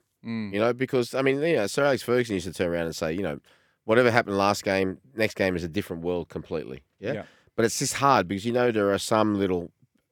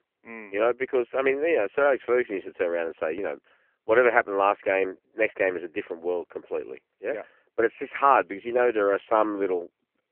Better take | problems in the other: first | phone-call audio

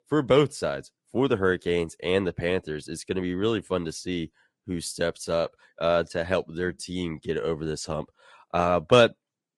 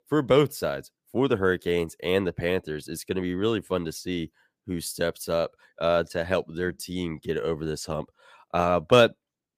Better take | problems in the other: second | garbled, watery; slightly; nothing above 11 kHz

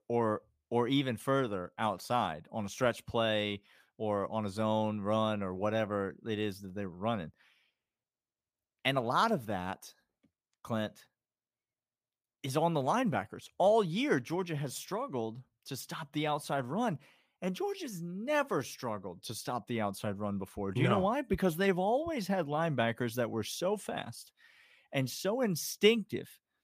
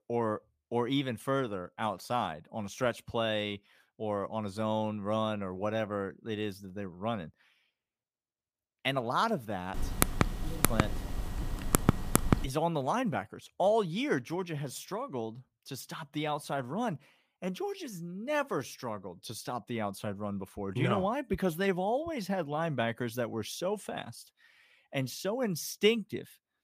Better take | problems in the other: first | keyboard typing; loud; from 10 to 12 s; peak 5 dB above the speech

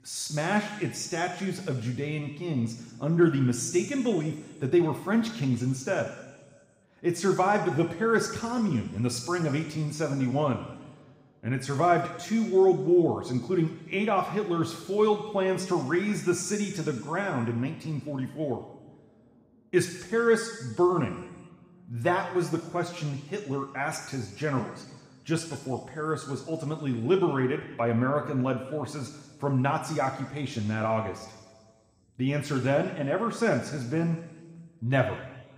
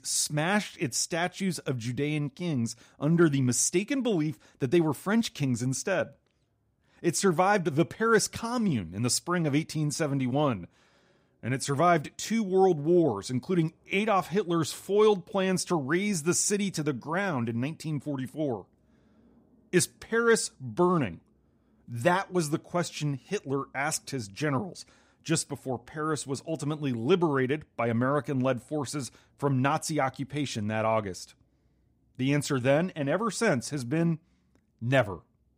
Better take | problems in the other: second | room echo; slight; dies away in 1.6 s // off-mic speech; somewhat distant

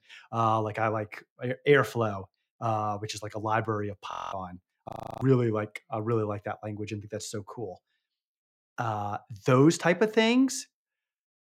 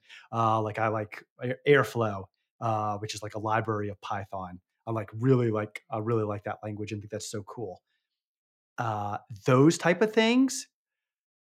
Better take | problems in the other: second | audio freezing; at 4 s and at 5 s

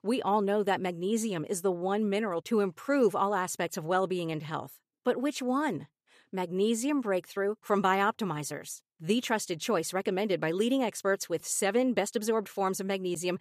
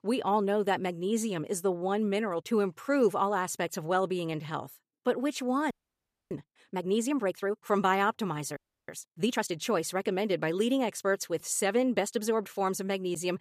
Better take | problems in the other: first | audio freezing; at 5.5 s for 0.5 s and at 8.5 s

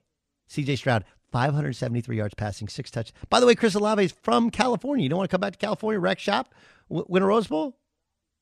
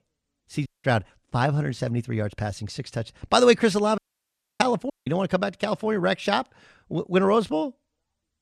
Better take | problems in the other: first | audio cutting out; at 0.5 s, at 4 s for 0.5 s and at 5 s

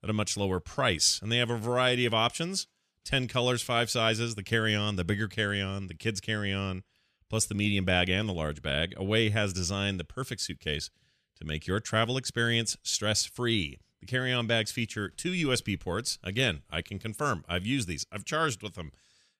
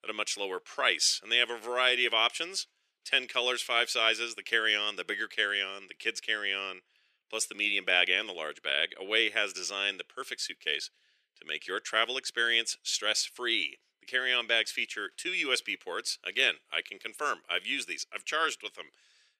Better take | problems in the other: first | thin; very; fading below 350 Hz

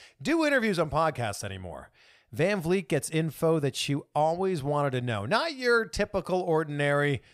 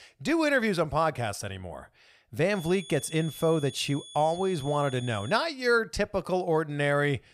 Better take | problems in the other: first | high-pitched whine; noticeable; from 2.5 to 5.5 s; 3.5 kHz, 15 dB below the speech

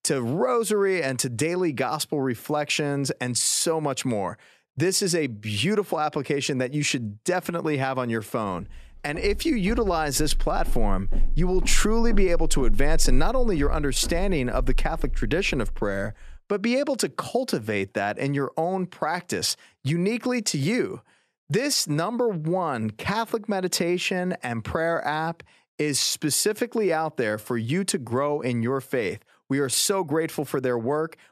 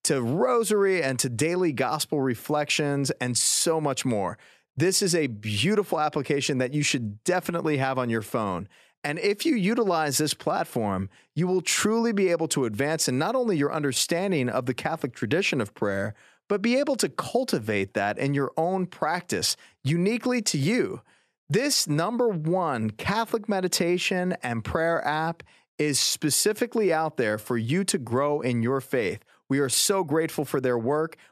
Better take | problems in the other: second | footsteps; noticeable; from 9 to 16 s; peak 4 dB below the speech

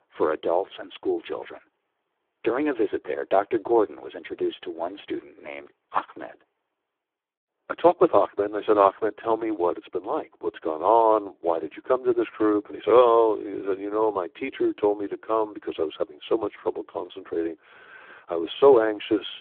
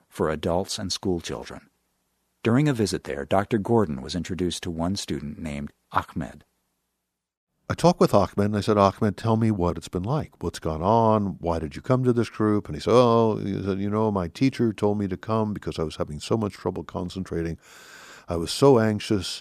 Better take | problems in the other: second | phone-call audio; poor line; nothing above 3.5 kHz

